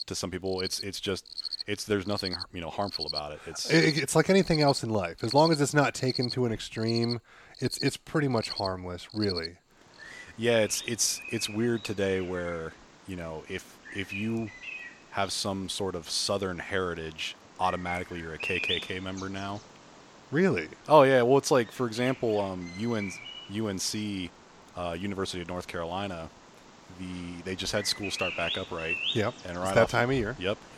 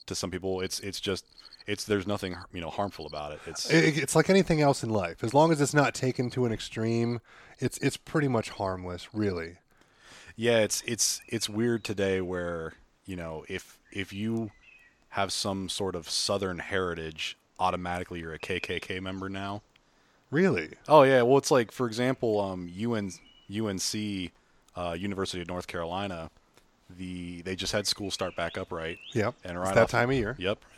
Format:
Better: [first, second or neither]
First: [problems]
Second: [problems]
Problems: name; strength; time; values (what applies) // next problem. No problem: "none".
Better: second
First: animal sounds; loud; throughout; 8 dB below the speech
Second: animal sounds; faint; throughout; 25 dB below the speech